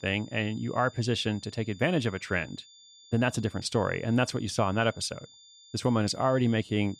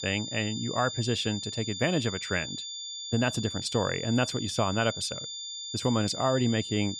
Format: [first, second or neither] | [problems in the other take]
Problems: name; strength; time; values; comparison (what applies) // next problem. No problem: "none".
first | high-pitched whine; loud; throughout; 3.5 kHz, 6 dB below the speech; faint in the first